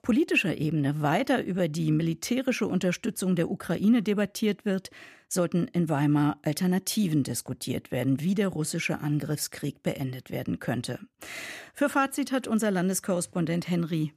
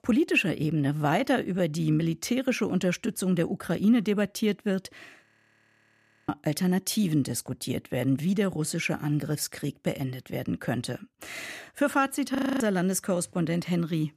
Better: first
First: none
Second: audio freezing; at 5.5 s for 1 s and at 12 s

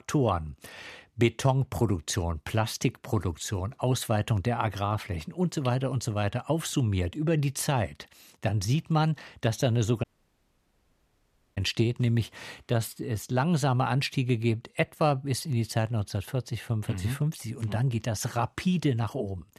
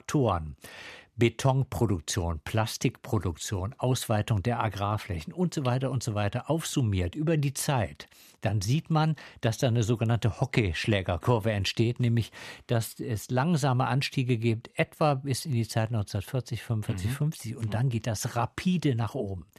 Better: second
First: audio cutting out; at 10 s for 1.5 s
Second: none

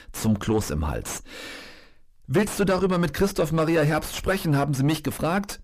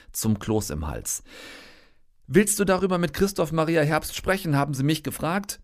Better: second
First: distortion; heavy; 5 dB below the speech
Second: none

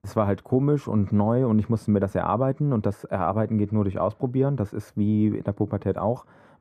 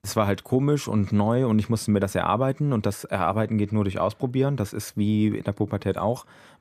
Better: second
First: muffled; very; fading above 2 kHz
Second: none

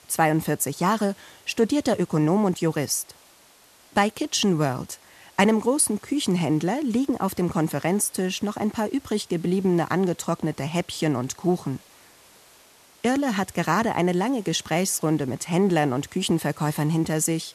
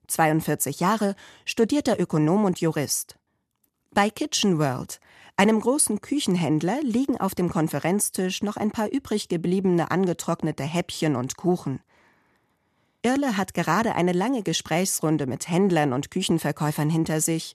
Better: second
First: hiss; faint; throughout; 25 dB below the speech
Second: none

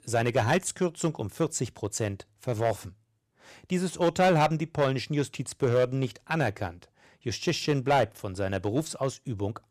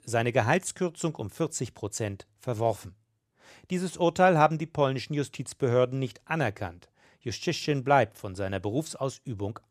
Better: second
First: distortion; slight; 3% of the sound clipped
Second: none

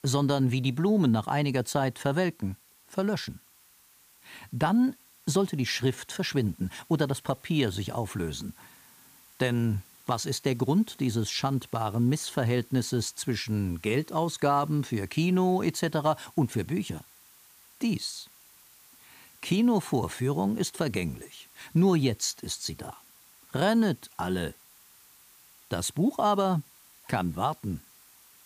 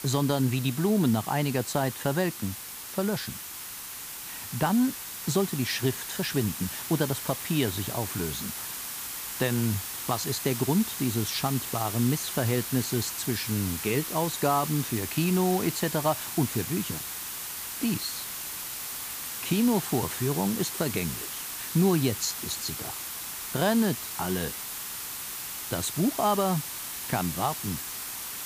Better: first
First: hiss; faint; throughout; 25 dB below the speech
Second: hiss; loud; throughout; 5 dB below the speech

